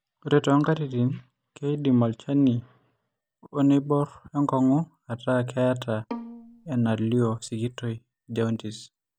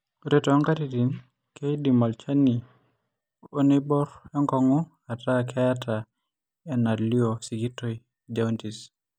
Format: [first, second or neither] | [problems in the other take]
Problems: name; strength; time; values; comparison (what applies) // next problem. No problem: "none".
second | background sound (Bowed string instrument); 17 dB below the speech